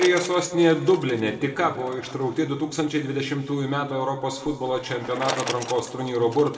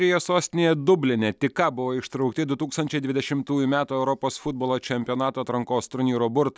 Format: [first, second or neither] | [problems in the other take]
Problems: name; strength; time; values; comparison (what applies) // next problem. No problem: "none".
second | background sound (Bicycle); 15 dB below the speech // room echo; dies away in 1.6 s